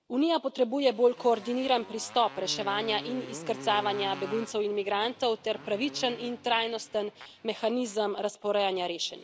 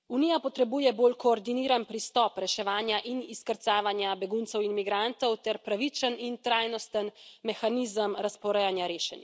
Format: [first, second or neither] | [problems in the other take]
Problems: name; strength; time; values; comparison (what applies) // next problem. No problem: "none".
second | background sound (Motorcycle); 17 dB below the speech